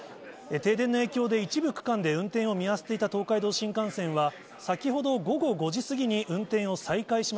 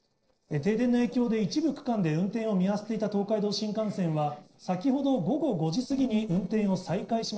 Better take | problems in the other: first | noise reduction (neural separator model SepFormer DNS4)

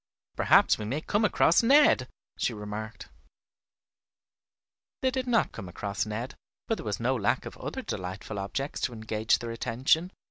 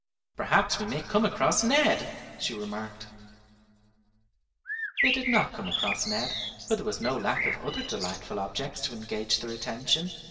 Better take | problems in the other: first | background sound (Bird); 2 dB below the speech // room echo; dies away in 2.5 s

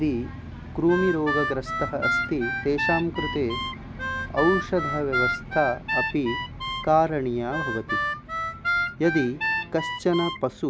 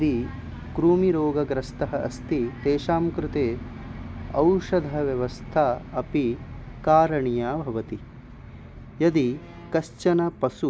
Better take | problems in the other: second | background sound (Harmonica); 3 dB below the speech

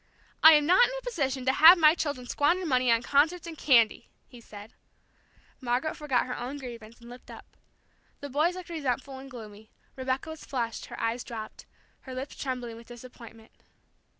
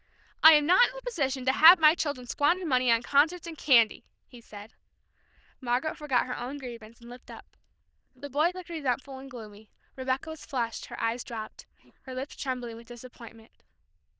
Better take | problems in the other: first | noise reduction (neural diffusion model UNIVERSE++)

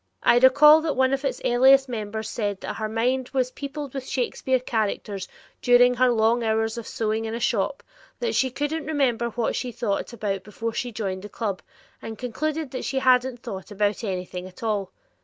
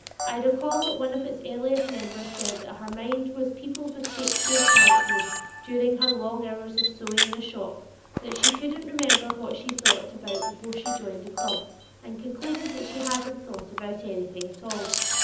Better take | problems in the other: first | background sound (Camera); 3 dB above the speech // room echo; dies away in 0.8 s

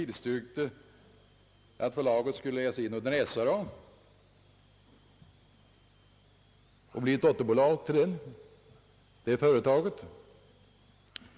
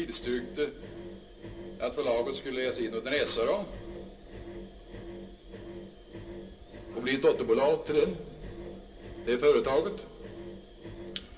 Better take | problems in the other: first | background sound (Engine); 12 dB below the speech // room echo; dies away in 0.2 s

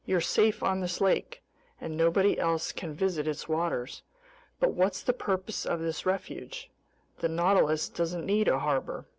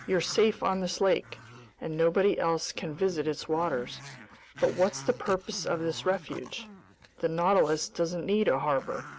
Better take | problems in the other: first | background sound (Growling); 19 dB below the speech

